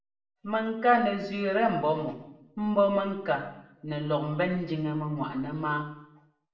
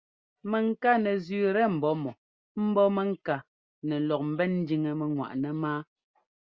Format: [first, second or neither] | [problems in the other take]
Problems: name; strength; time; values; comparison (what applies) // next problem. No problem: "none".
second | room echo; dies away in 0.7 s